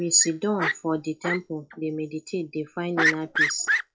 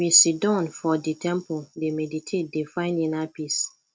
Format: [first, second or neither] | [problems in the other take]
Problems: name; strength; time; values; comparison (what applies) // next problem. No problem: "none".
second | noise reduction (classical method log-MMSE)